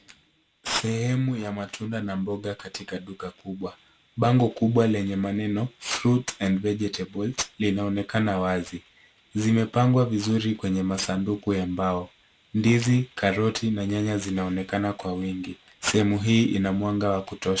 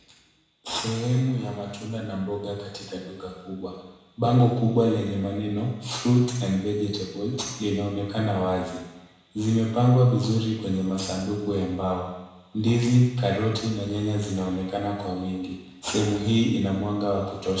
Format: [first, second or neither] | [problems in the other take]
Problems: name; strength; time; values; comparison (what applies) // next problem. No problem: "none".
first | room echo; dies away in 1 s